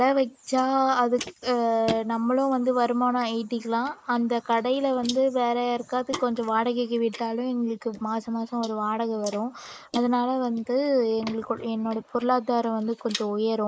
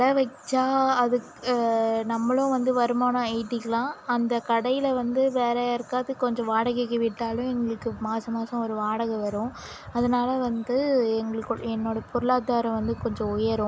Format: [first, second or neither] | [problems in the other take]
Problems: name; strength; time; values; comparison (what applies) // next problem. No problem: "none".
second | noise reduction (neural mask model Resemble Enhance denoiser)